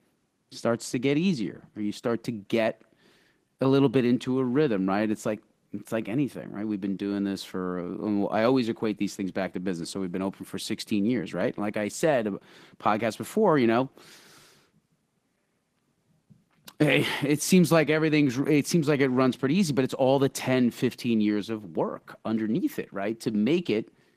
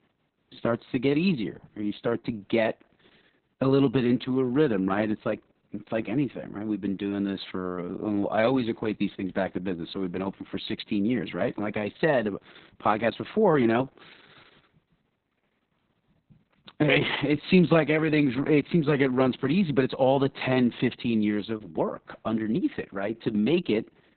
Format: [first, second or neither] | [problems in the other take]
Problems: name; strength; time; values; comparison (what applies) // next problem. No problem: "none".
first | garbled, watery; badly; nothing above 4 kHz; slightly in the first